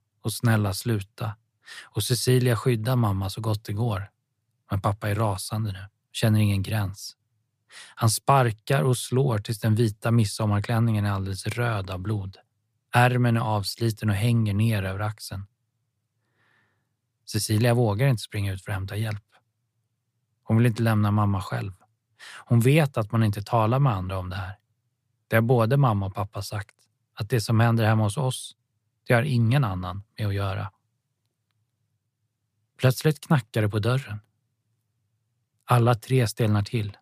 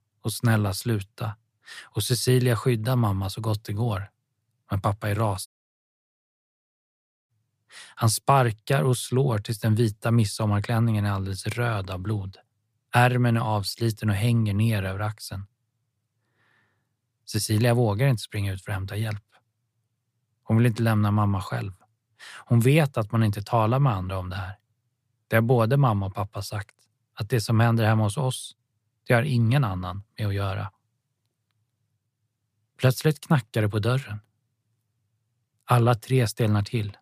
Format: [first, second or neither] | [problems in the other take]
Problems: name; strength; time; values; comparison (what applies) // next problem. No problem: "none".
first | audio cutting out; at 5.5 s for 2 s